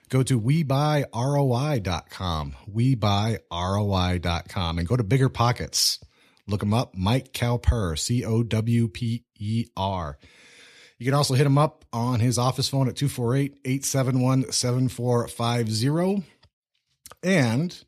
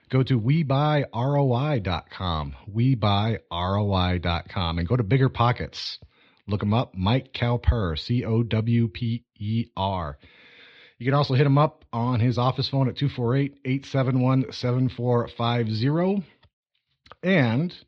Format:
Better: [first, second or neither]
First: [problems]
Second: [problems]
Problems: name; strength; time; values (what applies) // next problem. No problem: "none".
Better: first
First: none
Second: muffled; slightly; fading above 4 kHz